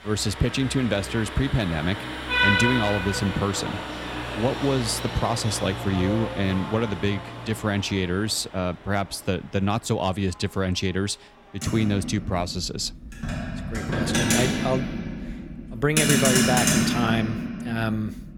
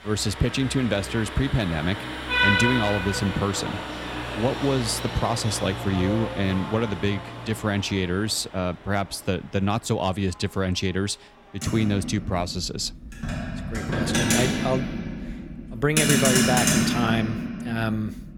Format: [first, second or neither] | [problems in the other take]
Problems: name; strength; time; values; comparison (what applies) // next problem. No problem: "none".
neither | traffic noise; loud; throughout; 1 dB below the speech; the same in both